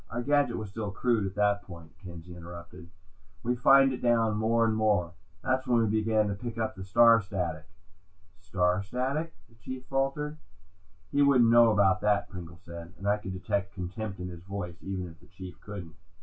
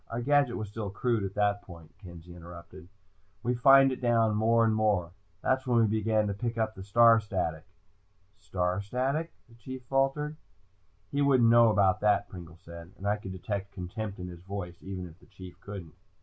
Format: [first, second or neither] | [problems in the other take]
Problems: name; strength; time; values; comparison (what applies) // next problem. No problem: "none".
second | room echo; dies away in 0.1 s